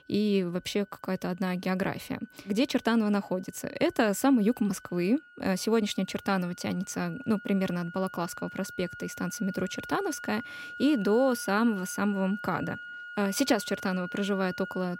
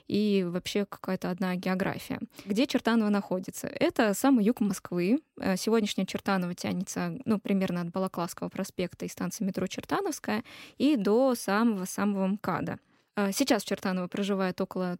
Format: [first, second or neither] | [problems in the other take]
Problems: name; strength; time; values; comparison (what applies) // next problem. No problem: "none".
second | background music; noticeable; throughout; 15 dB below the speech